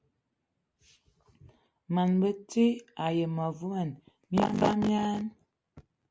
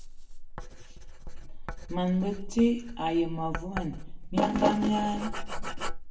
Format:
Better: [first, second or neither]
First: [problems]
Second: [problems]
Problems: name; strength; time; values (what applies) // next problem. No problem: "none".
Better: first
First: none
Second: background sound (Writing); 5 dB below the speech // room echo; dies away in 0.7 s